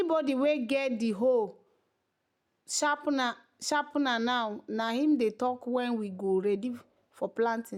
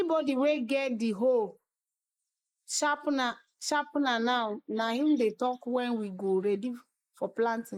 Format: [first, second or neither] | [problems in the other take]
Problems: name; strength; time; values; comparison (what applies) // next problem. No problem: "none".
first | noise reduction (neural mask model Resemble Enhance denoiser)